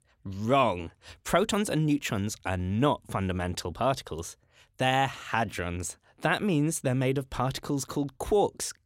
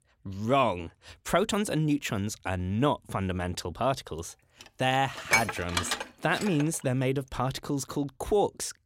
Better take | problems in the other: first | clattering dishes; loud; from 5 to 6.5 s; peak 3 dB above the speech

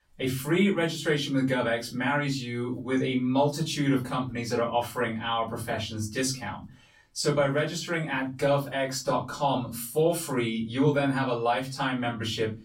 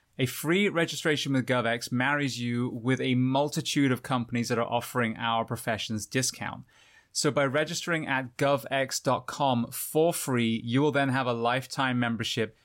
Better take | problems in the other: second | off-mic speech; far // room echo; very slight; dies away in 0.3 s

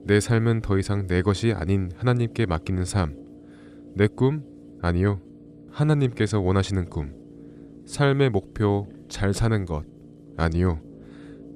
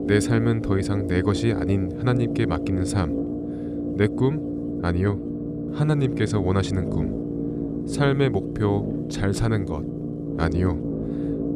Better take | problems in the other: first | low rumble; loud; throughout; 4 dB below the speech; faint in the first

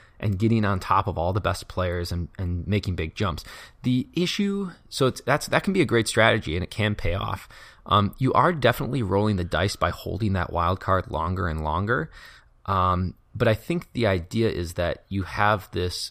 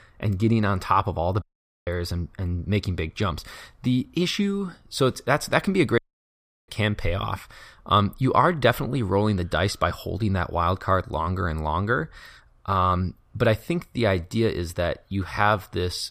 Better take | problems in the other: first | audio cutting out; at 1.5 s and at 6 s for 0.5 s

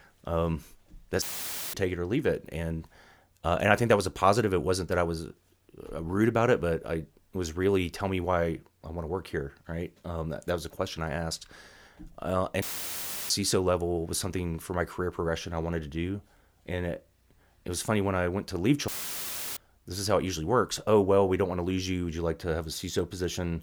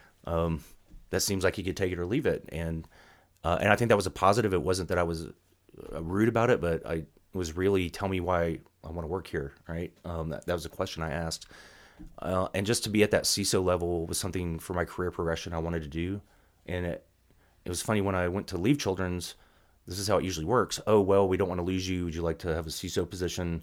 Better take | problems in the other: second | audio cutting out; filled with static; at 1 s for 0.5 s, at 13 s for 0.5 s and at 19 s for 0.5 s

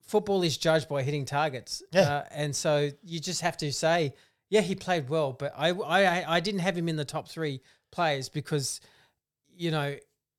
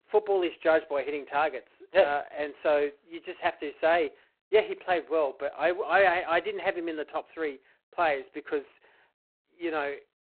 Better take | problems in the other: first | phone-call audio; poor line; nothing above 4 kHz

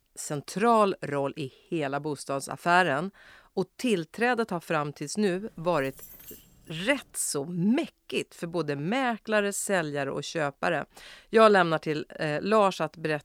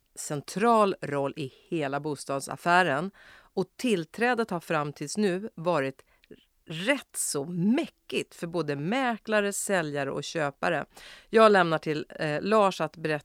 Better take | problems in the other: second | jangling keys; faint; from 5.5 to 7 s; peak 15 dB below the speech

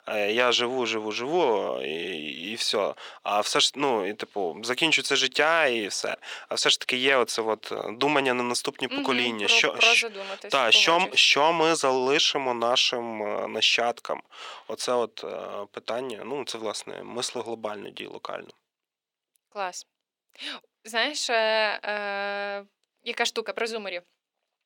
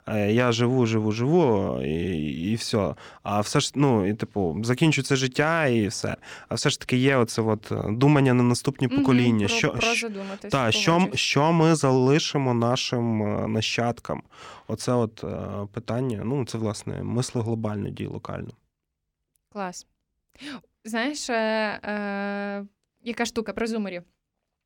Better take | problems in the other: second | thin; very; fading below 550 Hz

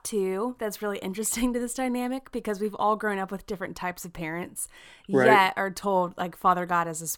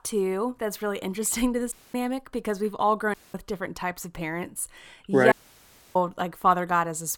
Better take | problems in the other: first | audio cutting out; at 1.5 s, at 3 s and at 5.5 s for 0.5 s

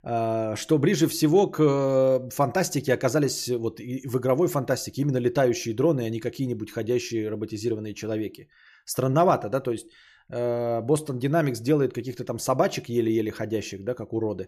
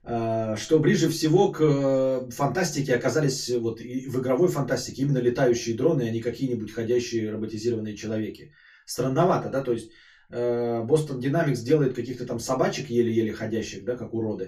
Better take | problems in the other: first | room echo; slight; dies away in 0.2 s // off-mic speech; far

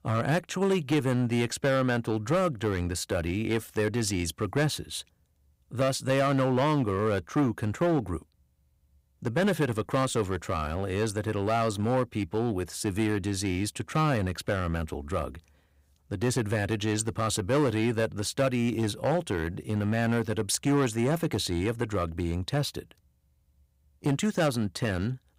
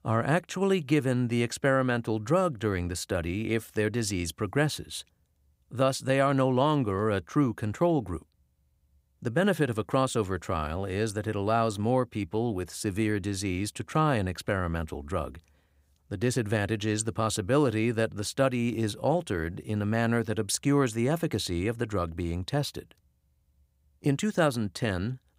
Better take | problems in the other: second | distortion; slight; 6% of the sound clipped

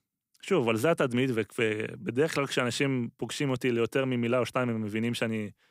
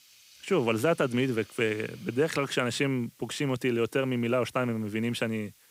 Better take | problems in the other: first | hiss; faint; throughout; 25 dB below the speech

